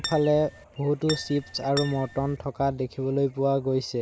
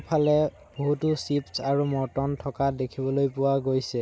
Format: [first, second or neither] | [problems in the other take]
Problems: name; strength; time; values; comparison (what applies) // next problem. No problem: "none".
second | background sound (Acoustic guitar); 12 dB below the speech